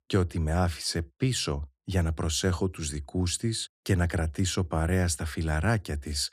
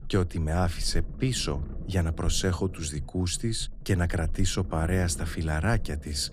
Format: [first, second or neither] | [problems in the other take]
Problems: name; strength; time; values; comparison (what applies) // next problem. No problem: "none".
first | low rumble; noticeable; throughout; 20 dB below the speech